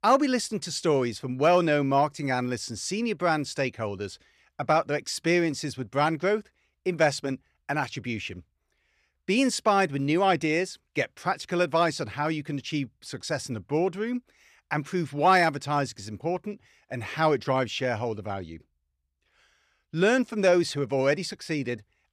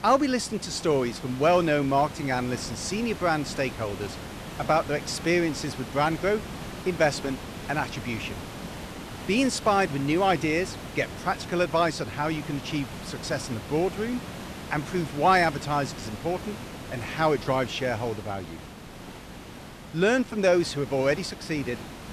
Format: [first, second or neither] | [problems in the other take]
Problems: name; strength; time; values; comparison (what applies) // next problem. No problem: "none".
first | hiss; noticeable; throughout; 10 dB below the speech